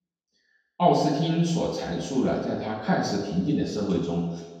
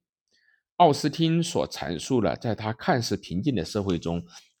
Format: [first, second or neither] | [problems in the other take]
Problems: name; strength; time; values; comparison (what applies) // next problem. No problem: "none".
second | room echo; noticeable; dies away in 1.1 s // off-mic speech; far